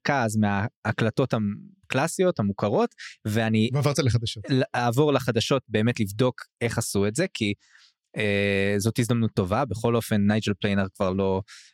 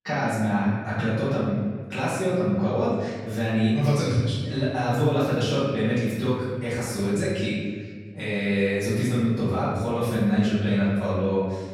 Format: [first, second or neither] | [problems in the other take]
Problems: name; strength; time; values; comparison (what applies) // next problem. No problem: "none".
first | room echo; strong; dies away in 1.6 s // off-mic speech; far